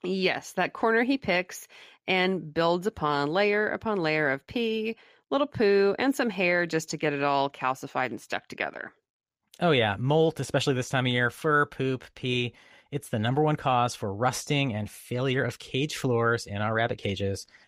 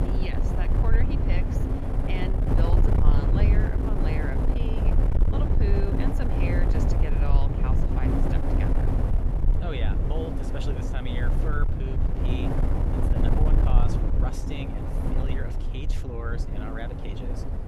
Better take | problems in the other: first | wind noise on the microphone; heavy; 2 dB above the speech

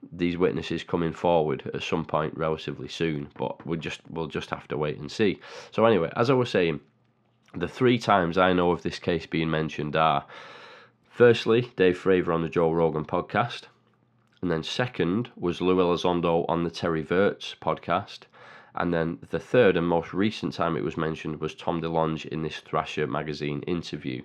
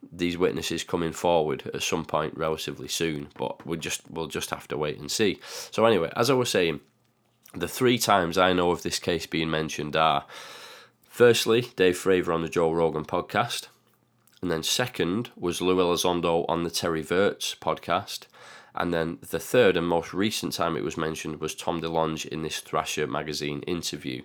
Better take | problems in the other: second | muffled; slightly; fading above 3 kHz

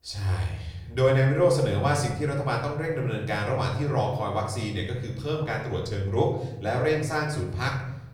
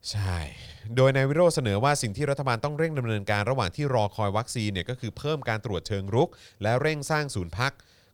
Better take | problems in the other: second | off-mic speech; far // room echo; noticeable; dies away in 1 s

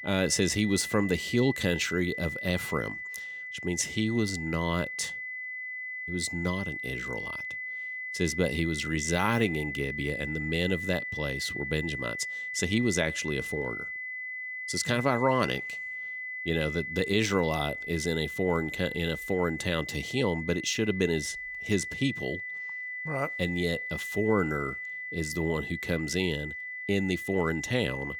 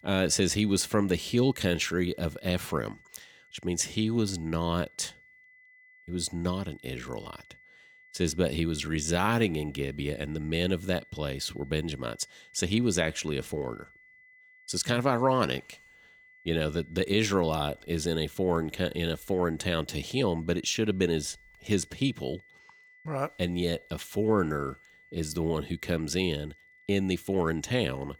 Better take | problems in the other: second | high-pitched whine; loud; throughout; 2 kHz, 5 dB below the speech; faint in the second

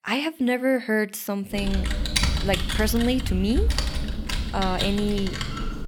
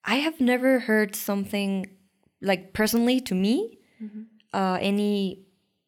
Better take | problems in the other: second | keyboard typing; loud; from 1.5 s on; peak 3 dB above the speech

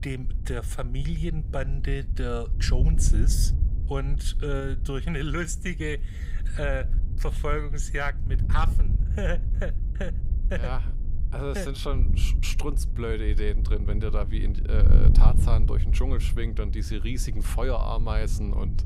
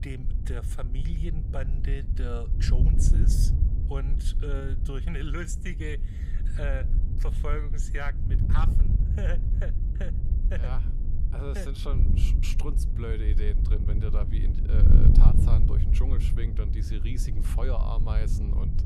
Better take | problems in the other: first | wind noise on the microphone; heavy; 4 dB below the speech; occasional gusts in the first

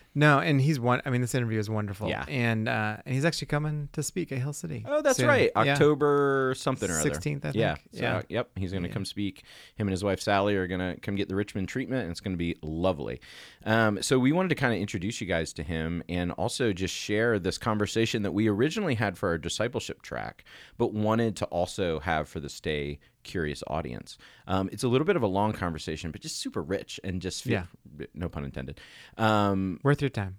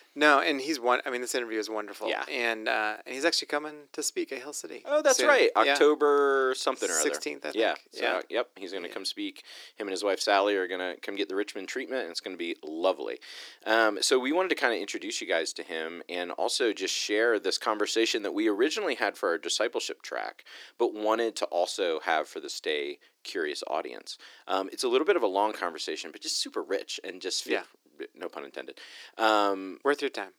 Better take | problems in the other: first | thin; somewhat; fading below 300 Hz

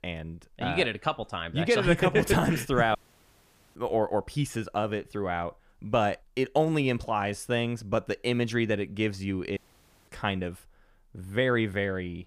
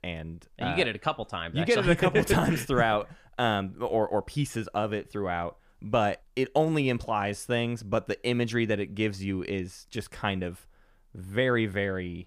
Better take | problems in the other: second | audio cutting out; at 3 s for 1 s and at 9.5 s for 0.5 s

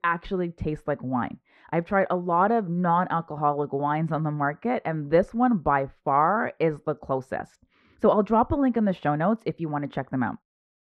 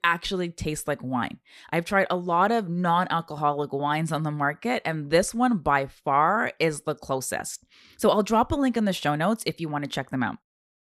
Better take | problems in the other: second | muffled; very; fading above 3.5 kHz

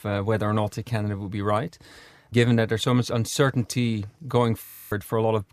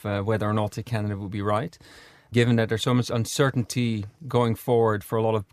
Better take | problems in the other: second | audio freezing; at 4.5 s

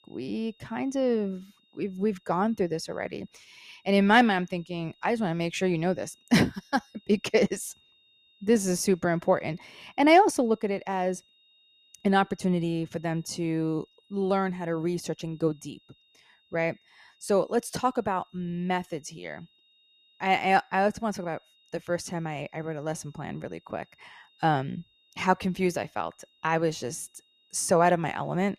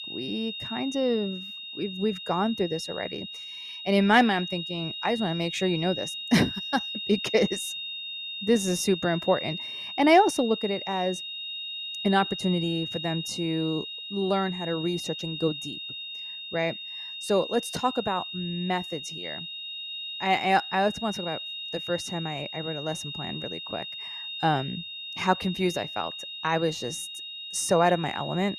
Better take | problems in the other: first | high-pitched whine; loud; throughout; 3.5 kHz, 7 dB below the speech; faint in the first

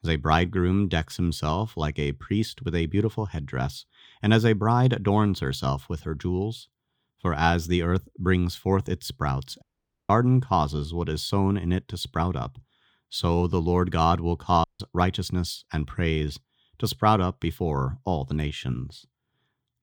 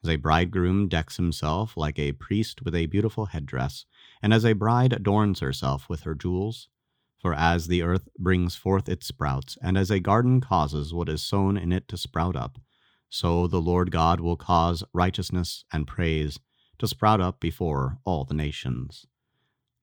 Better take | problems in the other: second | audio cutting out; at 9.5 s and at 15 s

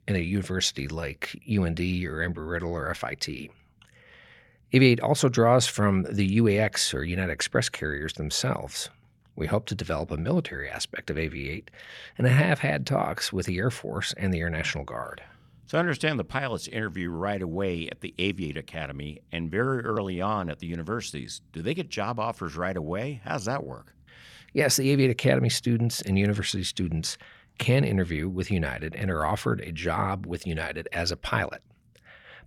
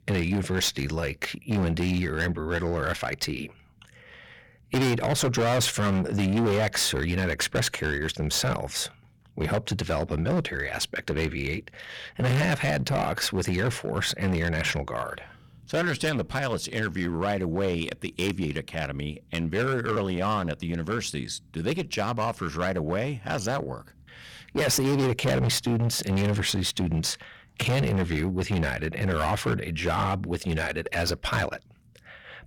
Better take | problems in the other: first | distortion; heavy; 15% of the sound clipped

